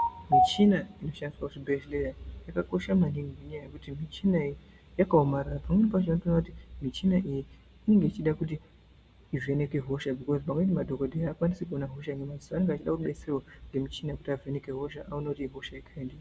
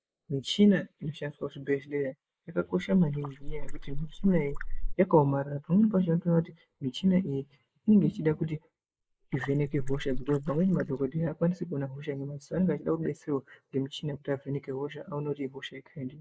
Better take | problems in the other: first | noise reduction (neural mask model Resemble Enhance denoiser)

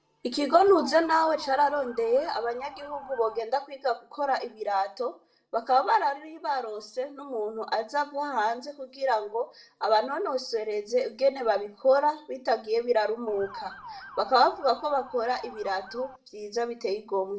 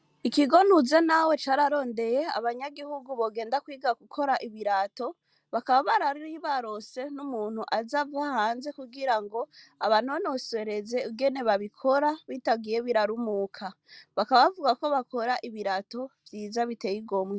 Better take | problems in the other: second | background sound (Motor vehicle (road) / Siren); 16 dB below the speech // room echo; dies away in 0.3 s

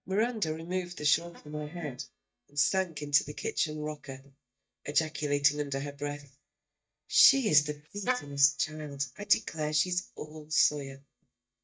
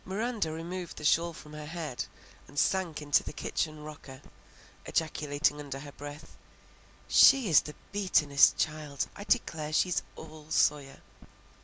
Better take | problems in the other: second | noise reduction (neural mask model DeepFilterNet 3)

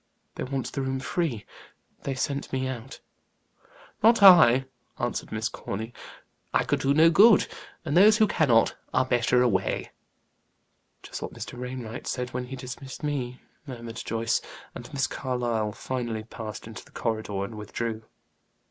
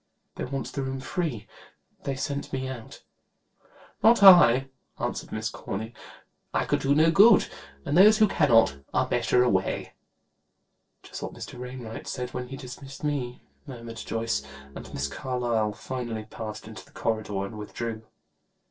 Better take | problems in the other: first | noise reduction (neural separator model SepFormer DNS4)

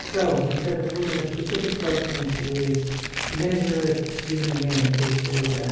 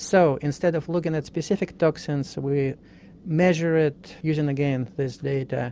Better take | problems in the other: second | background sound (Tearing); 8 dB below the speech // room echo; dies away in 1.3 s

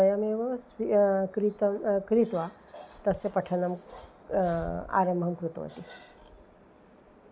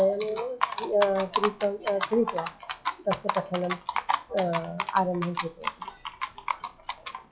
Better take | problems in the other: first | noise reduction (classical method log-MMSE)

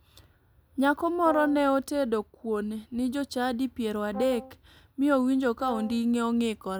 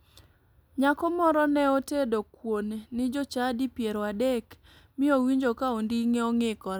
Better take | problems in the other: second | background sound (Brass instrument); 13 dB below the speech

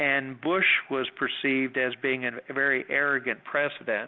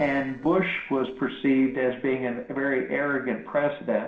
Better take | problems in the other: first | noise reduction (neural separator model SepFormer DNS4)

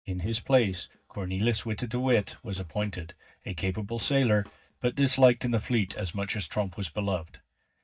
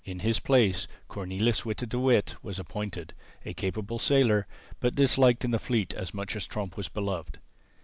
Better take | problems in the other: second | noise reduction (neural mask model DeepFilterNet 3)

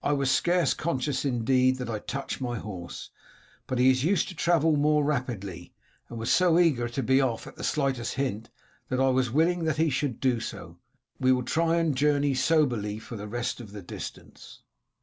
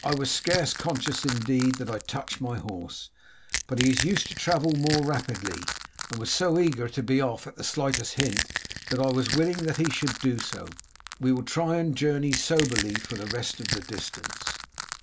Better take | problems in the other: first | background sound (Crack / Crushing); 7 dB below the speech

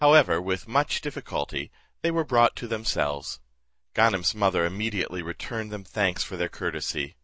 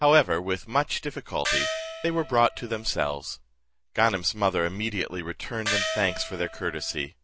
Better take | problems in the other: first | background sound (Gong); 5 dB below the speech

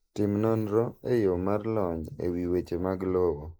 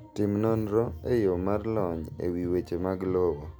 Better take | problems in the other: second | noise reduction (neural mask model Resemble Enhance denoiser)

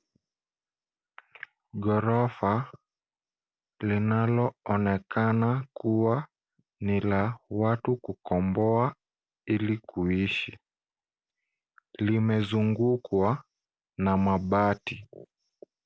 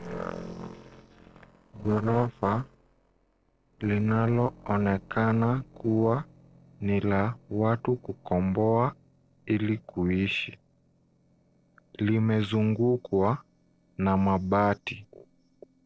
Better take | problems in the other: first | noise reduction (neural separator model SepFormer DNS4)

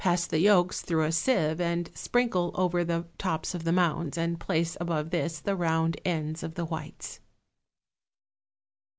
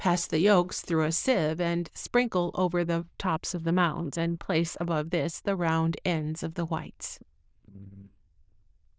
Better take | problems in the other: first | noise reduction (neural diffusion model UNIVERSE++)

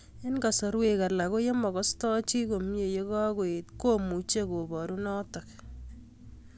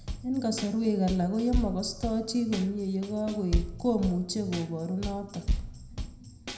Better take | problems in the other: first | background sound (Drum kit); 5 dB below the speech // room echo; dies away in 0.8 s

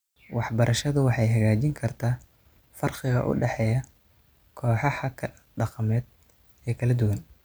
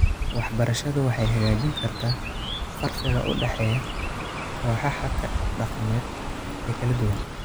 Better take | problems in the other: first | background sound (Chirp, tweet); 2 dB below the speech

